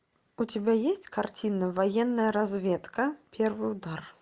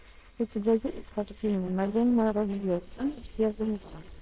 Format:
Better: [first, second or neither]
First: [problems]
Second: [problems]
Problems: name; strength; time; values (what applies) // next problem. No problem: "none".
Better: first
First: none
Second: noise reduction (neural separator model SepFormer WHAMR!)